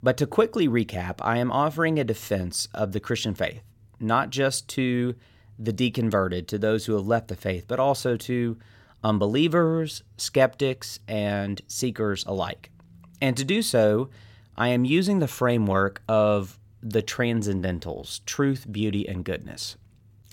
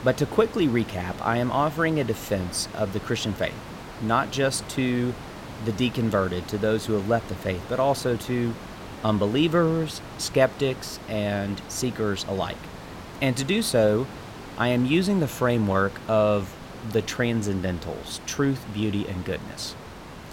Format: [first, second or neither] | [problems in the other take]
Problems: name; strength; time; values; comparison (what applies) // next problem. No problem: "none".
first | hiss; noticeable; throughout; 15 dB below the speech